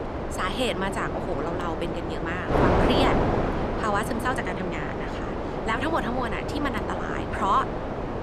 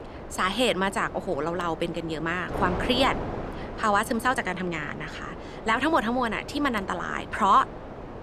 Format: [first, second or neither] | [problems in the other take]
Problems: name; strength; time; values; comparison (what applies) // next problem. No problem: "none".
second | wind noise on the microphone; heavy; 1 dB below the speech; occasional gusts in the second